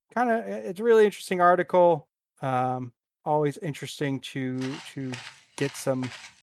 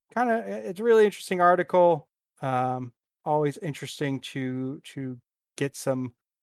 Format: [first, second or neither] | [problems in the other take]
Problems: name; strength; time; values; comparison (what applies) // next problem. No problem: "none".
second | footsteps; faint; from 4.5 s on; peak 15 dB below the speech